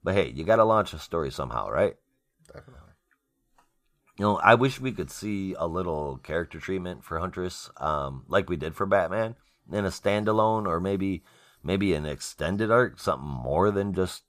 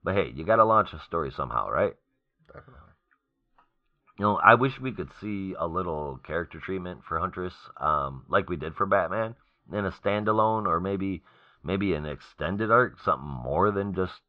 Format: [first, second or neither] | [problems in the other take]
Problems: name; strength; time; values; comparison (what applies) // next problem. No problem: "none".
first | muffled; very; fading above 3.5 kHz